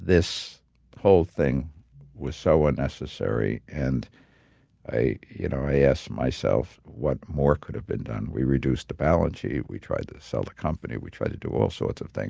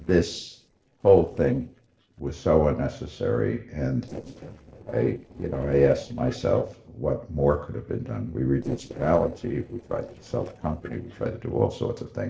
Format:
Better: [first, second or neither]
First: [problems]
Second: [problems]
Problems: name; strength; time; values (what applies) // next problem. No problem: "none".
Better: first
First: none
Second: noise reduction (neural separator model SepFormer DNS4)